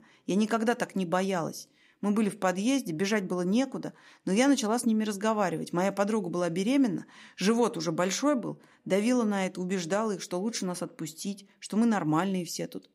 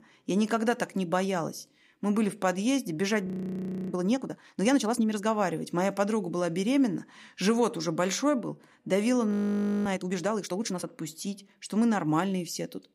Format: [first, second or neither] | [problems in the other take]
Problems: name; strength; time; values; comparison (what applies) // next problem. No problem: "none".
first | audio freezing; at 3.5 s for 0.5 s and at 9.5 s for 0.5 s